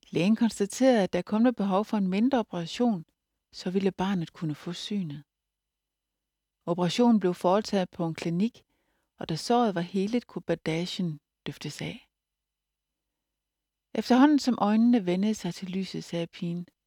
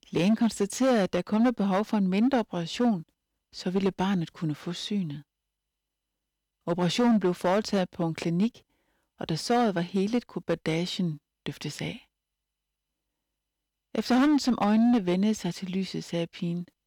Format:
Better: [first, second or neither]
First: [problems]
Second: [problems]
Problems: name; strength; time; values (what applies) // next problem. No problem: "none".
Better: first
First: none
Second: distortion; slight; 5% of the sound clipped